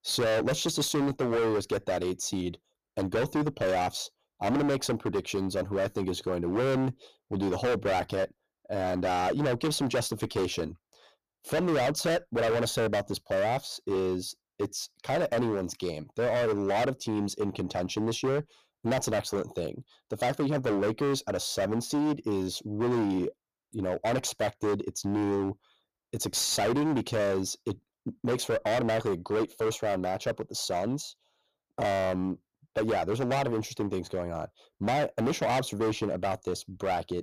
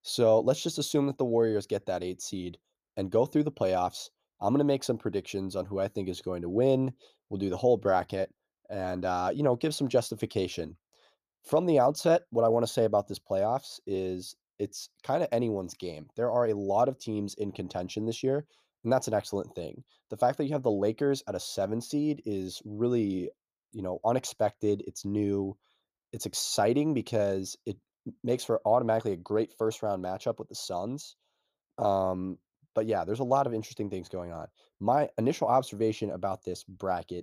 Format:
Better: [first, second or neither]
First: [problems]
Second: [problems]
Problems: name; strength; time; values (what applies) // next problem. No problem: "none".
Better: second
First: distortion; heavy; 19% of the sound clipped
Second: none